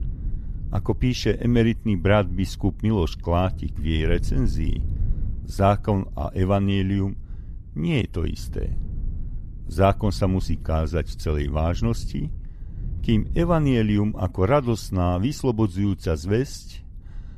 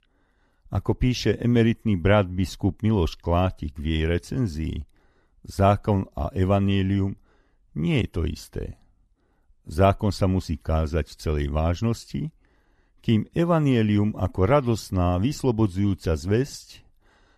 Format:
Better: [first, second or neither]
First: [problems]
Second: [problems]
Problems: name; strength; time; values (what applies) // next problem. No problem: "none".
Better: second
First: low rumble; faint; throughout; 25 dB below the speech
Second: none